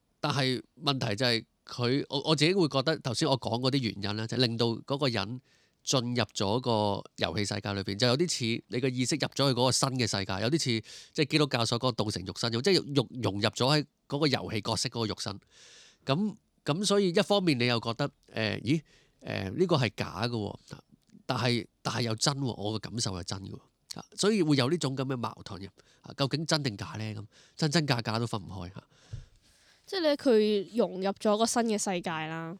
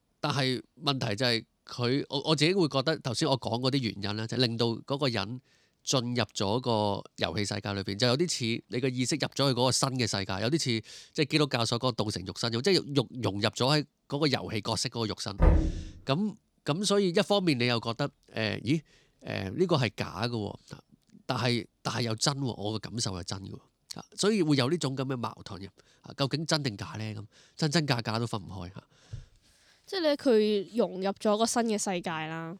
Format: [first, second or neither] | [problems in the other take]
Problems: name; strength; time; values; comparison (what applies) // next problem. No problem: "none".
first | door banging; loud; at 15 s; peak 4 dB above the speech